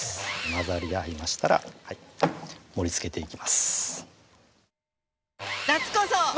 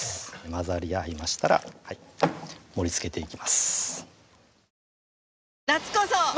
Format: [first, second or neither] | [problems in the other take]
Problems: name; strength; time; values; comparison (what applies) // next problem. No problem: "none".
second | background sound (Sawing); 11 dB below the speech